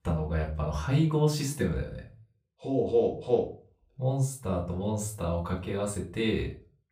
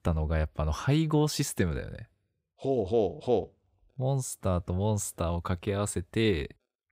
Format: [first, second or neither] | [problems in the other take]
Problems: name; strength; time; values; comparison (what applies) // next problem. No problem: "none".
second | off-mic speech; far // room echo; slight; dies away in 0.3 s